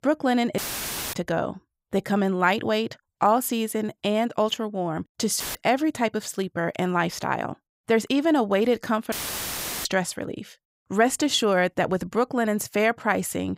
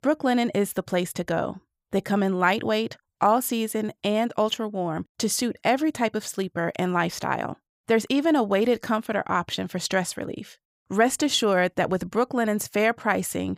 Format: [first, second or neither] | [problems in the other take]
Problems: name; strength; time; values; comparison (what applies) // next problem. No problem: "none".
second | audio cutting out; filled with static; at 0.5 s for 0.5 s, at 5.5 s and at 9 s for 0.5 s